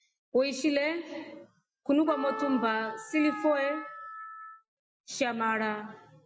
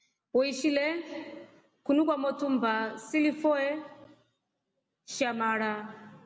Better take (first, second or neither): second